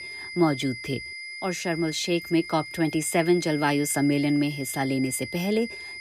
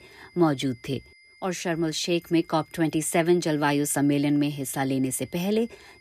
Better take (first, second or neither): second